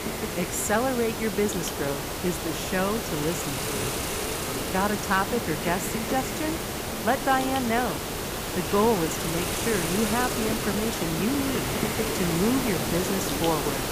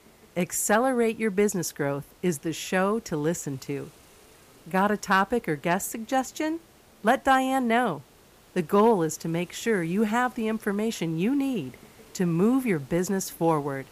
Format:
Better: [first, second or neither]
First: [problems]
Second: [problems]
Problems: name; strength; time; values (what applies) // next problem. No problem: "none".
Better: second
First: hiss; loud; throughout; 1 dB below the speech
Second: hiss; faint; throughout; 25 dB below the speech